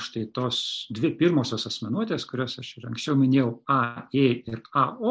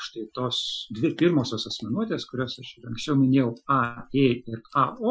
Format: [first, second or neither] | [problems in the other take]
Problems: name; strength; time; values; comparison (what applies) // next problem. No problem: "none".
first | noise reduction (classical method Wiener filter)